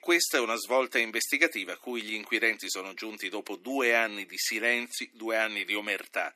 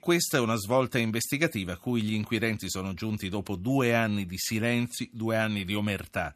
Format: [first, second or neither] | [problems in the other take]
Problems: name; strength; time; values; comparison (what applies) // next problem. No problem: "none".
second | thin; somewhat; fading below 300 Hz